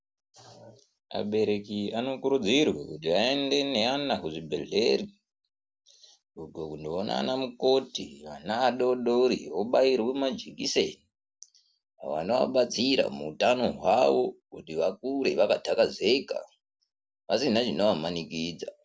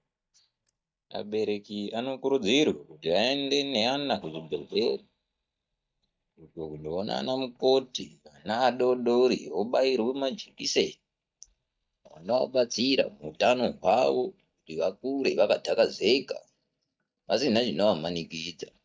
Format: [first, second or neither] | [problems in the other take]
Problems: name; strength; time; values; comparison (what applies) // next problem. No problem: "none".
first | noise reduction (neural mask model DeepFilterNet 3)